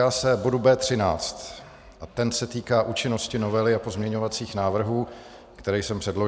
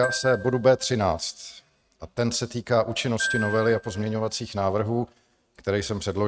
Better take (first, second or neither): first